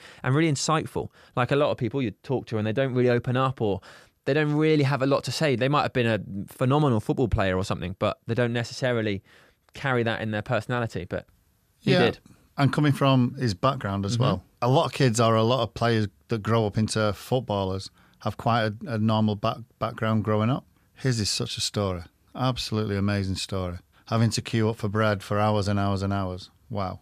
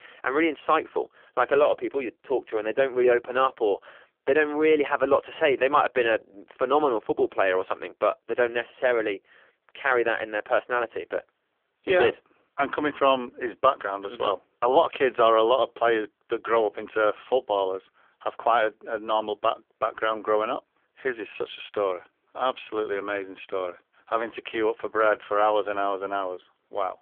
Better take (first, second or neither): first